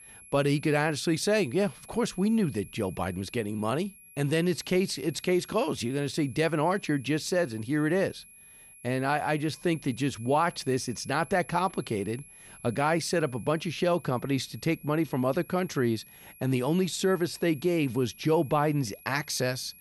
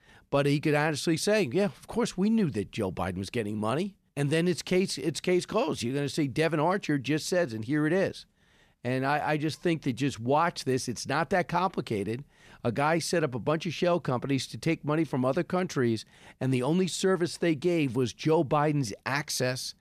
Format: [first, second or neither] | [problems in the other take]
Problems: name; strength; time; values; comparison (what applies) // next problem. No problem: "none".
second | high-pitched whine; faint; throughout; 11 kHz, 20 dB below the speech